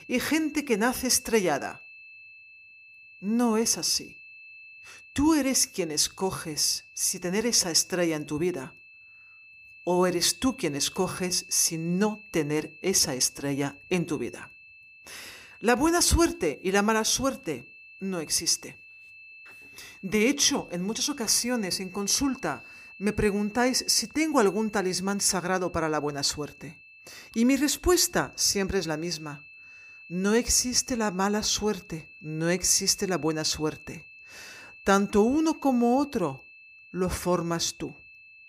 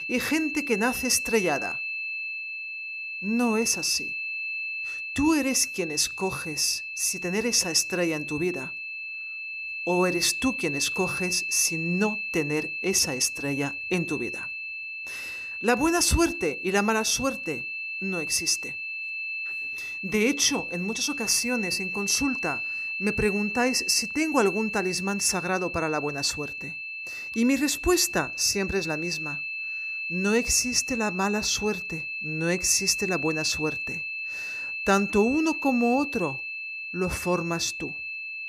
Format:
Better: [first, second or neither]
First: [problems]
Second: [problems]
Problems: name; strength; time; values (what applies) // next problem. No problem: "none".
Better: first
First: high-pitched whine; faint; throughout; 2.5 kHz, 20 dB below the speech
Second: high-pitched whine; loud; throughout; 2.5 kHz, 5 dB below the speech